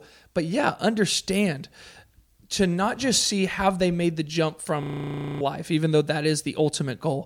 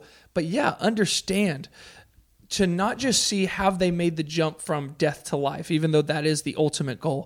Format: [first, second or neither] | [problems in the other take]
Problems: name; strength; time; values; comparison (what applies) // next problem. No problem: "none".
second | audio freezing; at 5 s for 0.5 s